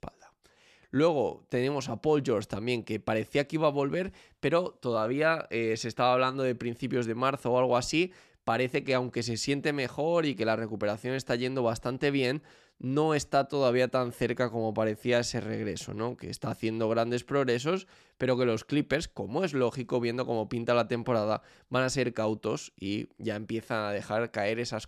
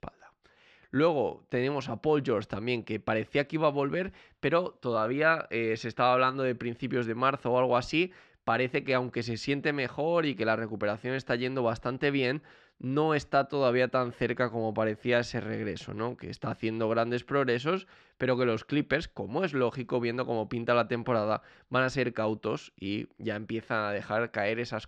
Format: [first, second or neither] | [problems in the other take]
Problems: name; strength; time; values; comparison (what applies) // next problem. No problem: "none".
first | muffled; very slightly; fading above 3.5 kHz